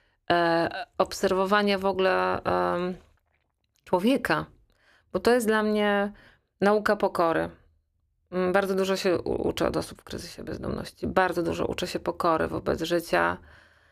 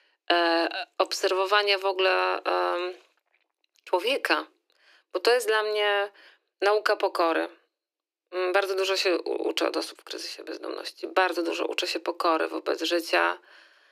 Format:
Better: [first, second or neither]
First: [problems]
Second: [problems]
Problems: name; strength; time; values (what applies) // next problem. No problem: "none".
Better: first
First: none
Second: thin; very; fading below 300 Hz